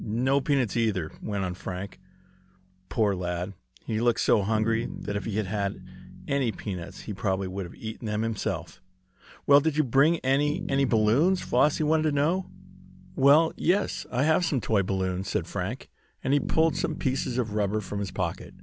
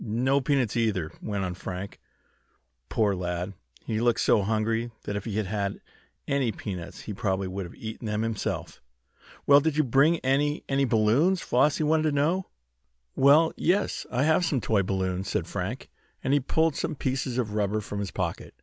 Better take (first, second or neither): second